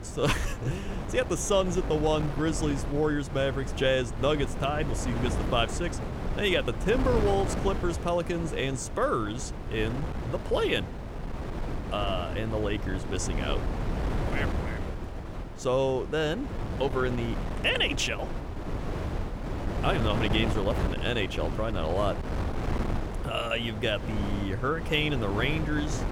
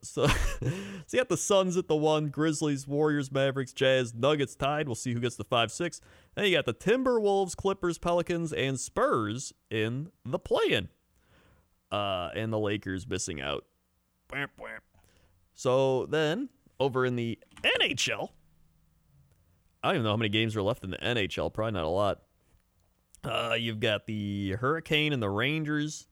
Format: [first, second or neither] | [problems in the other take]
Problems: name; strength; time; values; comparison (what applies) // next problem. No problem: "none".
second | wind noise on the microphone; heavy; 9 dB below the speech